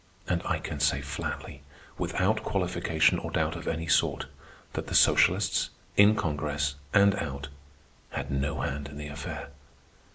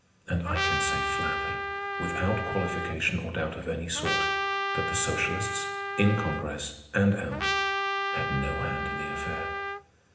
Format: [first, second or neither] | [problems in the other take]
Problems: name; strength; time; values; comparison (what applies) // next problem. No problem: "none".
first | background sound (Trumpet); as loud as the speech // room echo; dies away in 0.8 s